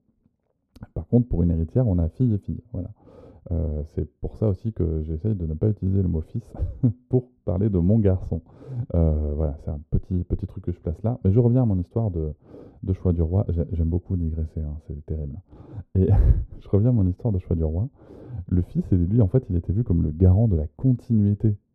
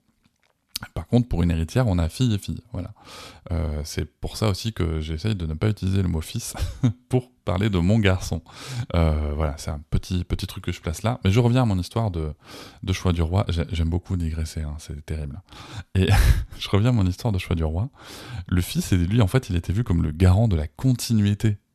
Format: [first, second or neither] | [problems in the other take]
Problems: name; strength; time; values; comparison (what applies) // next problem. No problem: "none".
second | muffled; very; fading above 1 kHz